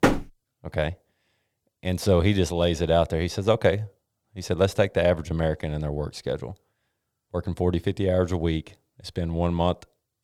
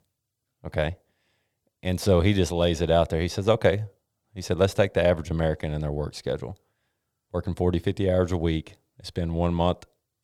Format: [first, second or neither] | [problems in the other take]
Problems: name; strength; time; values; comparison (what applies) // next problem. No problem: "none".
second | door banging; loud; at the start; peak 2 dB above the speech